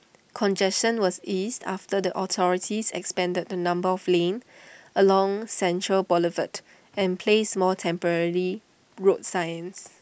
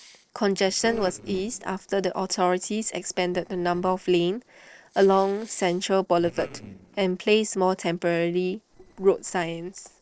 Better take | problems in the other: first | noise reduction (neural separator model SepFormer DNS4)

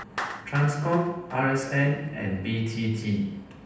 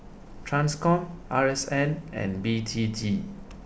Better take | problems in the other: second | background sound (Clapping); 15 dB below the speech // room echo; dies away in 0.9 s

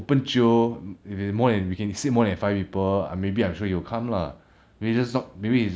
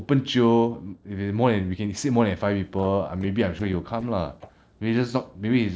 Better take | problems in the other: first | noise reduction (neural separator model SepFormer DNS4)

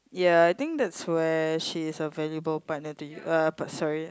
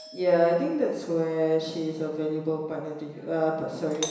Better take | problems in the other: first | background sound (Doorbell); 19 dB below the speech // room echo; dies away in 1 s

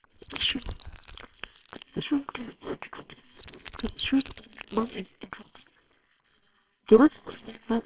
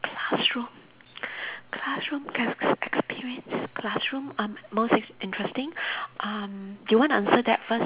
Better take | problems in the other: second | noise reduction (neural separator model SepFormer WHAMR!)

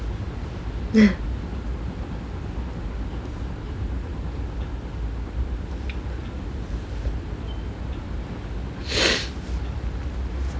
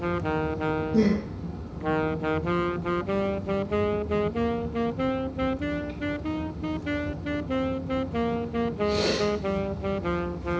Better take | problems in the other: first | background sound (Wind instrument, woodwind instrument); 4 dB above the speech // room echo; dies away in 0.6 s

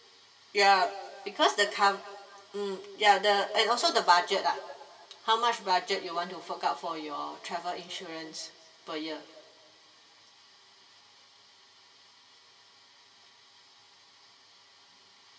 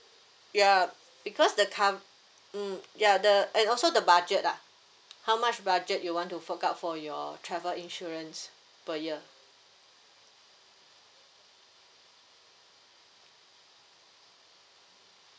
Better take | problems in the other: second | room echo; dies away in 2 s

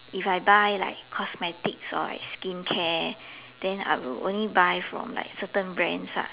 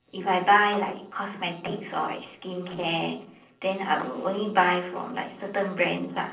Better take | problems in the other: first | noise reduction (neural separator model SepFormer DNS4)

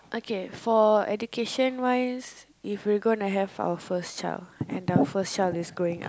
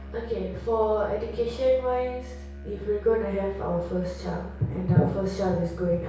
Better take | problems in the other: first | background sound (Musical instrument); 12 dB below the speech // room echo; dies away in 0.6 s

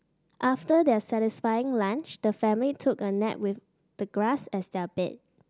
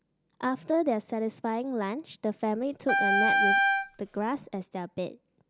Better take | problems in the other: first | background sound (Wind instrument, woodwind instrument); 5 dB above the speech

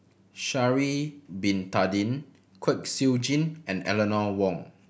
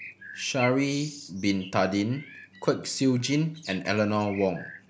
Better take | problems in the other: first | background sound (Bird); 16 dB below the speech

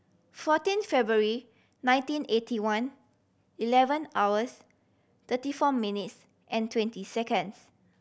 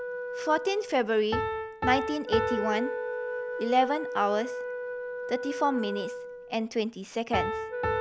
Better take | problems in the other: first | background sound (Piano + Wind instrument, woodwind instrument); 3 dB below the speech

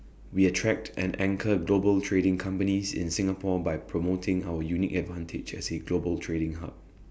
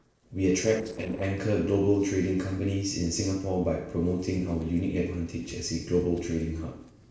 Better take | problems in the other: first | noise reduction (neural separator model SepFormer DNS4)

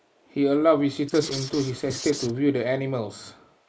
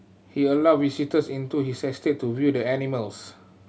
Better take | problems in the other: second | noise reduction (neural mask model Resemble Enhance denoiser)

